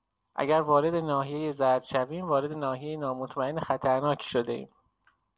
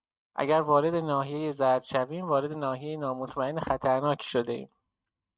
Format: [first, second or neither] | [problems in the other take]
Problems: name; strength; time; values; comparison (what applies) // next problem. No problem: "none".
first | noise reduction (neural mask model RNNoise)